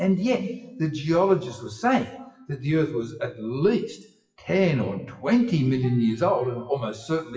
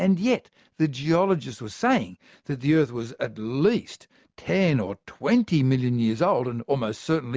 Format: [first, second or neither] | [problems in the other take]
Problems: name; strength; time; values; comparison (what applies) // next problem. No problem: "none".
second | noise reduction (classical method WPE with log-MMSE)